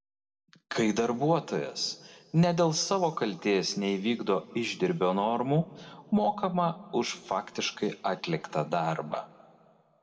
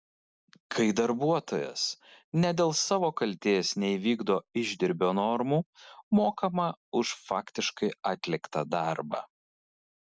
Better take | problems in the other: second | room echo; dies away in 1.3 s

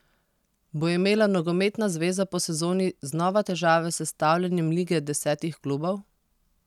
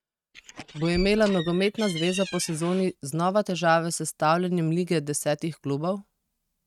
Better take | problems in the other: first | noise reduction (neural mask model RNNoise)

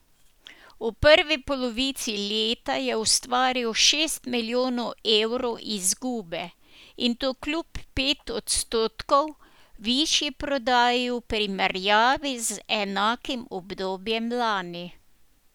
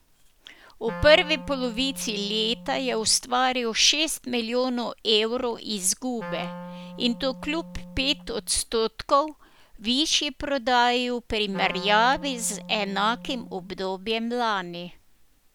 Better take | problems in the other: first | background sound (Wind instrument, woodwind instrument); 15 dB below the speech

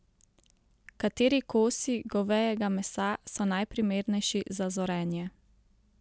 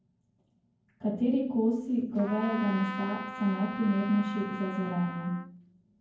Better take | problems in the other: first | background sound (Trumpet); 10 dB below the speech // room echo; dies away in 0.9 s

